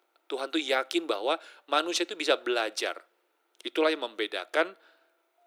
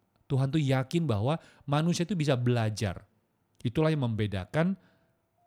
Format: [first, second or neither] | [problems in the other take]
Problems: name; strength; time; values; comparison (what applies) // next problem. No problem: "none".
second | thin; very; fading below 350 Hz